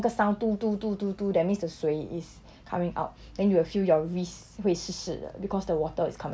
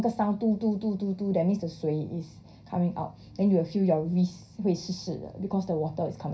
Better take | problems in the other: first | room echo; dies away in 0.4 s

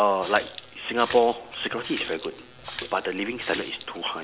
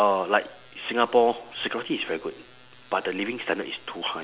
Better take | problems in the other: second | background sound (Water tap, faucet); 13 dB below the speech

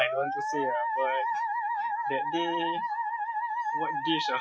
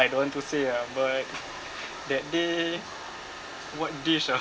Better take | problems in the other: second | noise reduction (classical method Wiener filter)

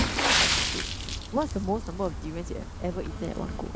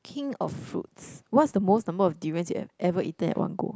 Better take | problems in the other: second | background sound (Fire + Water / Splash, splatter); 4 dB above the speech

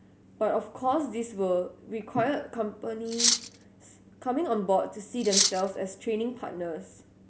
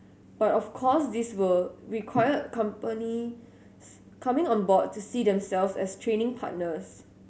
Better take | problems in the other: second | background sound (Cutlery, silverware); 3 dB above the speech

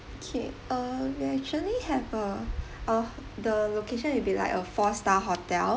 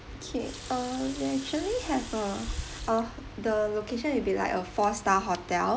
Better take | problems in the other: first | background sound (Water tap, faucet); 18 dB below the speech

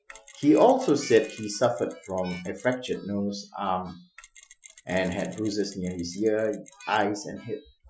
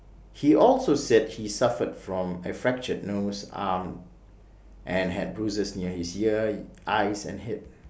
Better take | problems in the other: second | noise reduction (classical method Wiener filter)

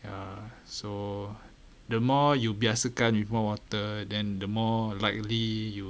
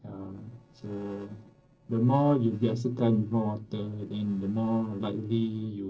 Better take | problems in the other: first | noise reduction (neural separator model SepFormer DNS4)

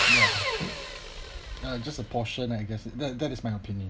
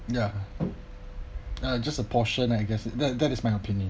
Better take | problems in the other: second | background sound (Sawing); 3 dB above the speech

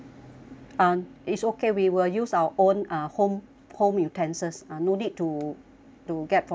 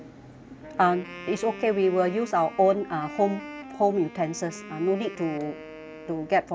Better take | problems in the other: first | background sound (Wind instrument, woodwind instrument); 15 dB below the speech

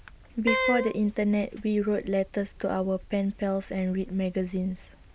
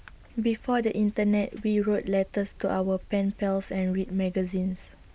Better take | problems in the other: second | background sound (Wind instrument, woodwind instrument); 2 dB below the speech

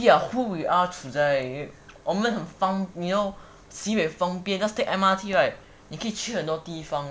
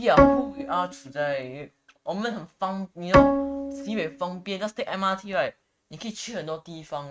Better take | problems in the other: first | noise reduction (neural mask model RNNoise)

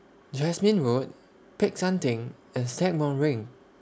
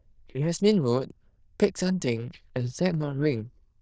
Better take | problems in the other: first | noise reduction (neural diffusion model UNIVERSE++)

